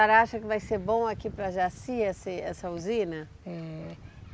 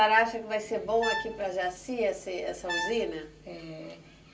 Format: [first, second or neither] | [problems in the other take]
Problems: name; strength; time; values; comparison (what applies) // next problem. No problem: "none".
first | background sound (Brass instrument); 9 dB below the speech // room echo; dies away in 0.3 s